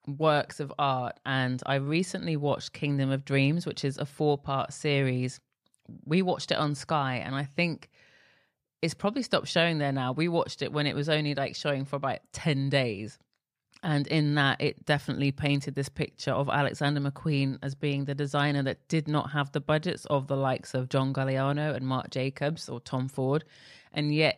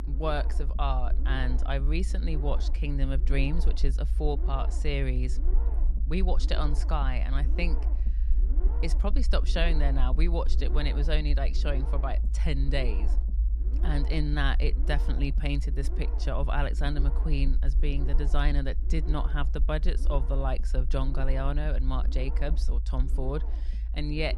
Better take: first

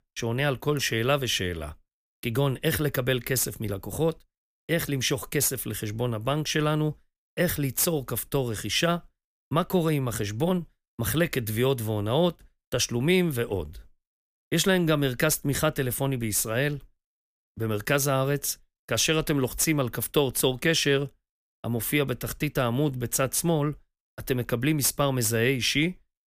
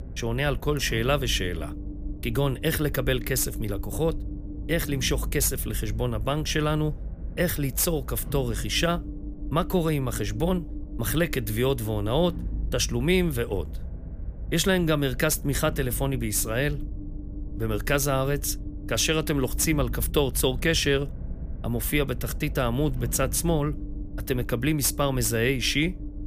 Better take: first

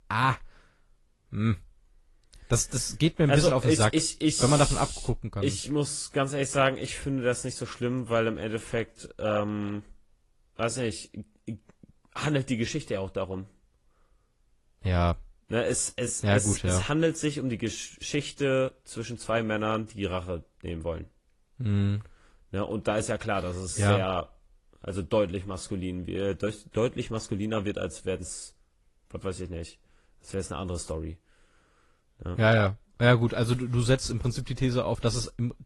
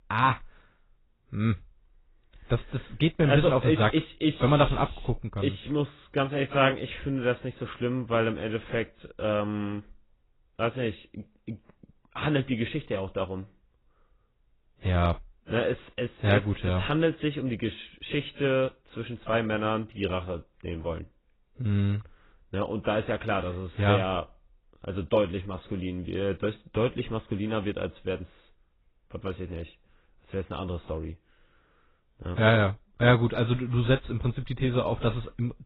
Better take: first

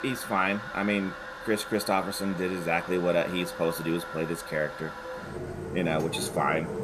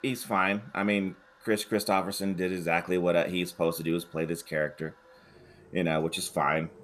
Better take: second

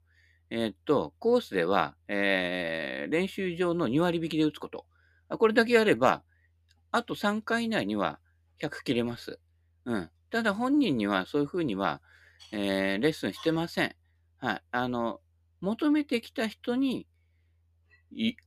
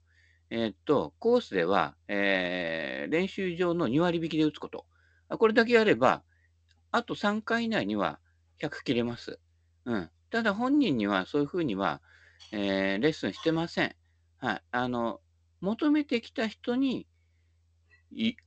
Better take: first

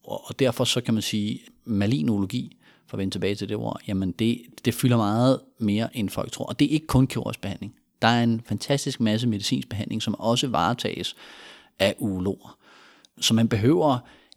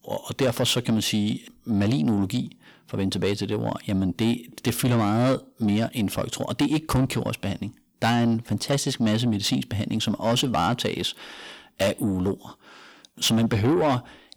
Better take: first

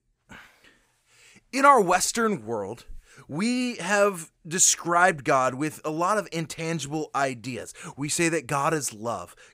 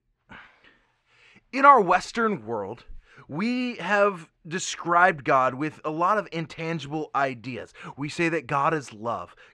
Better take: first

